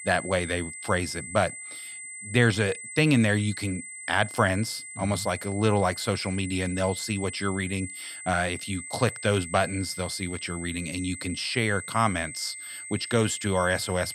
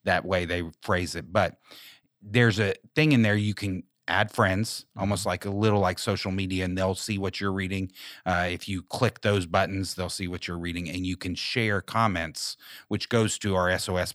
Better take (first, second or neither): second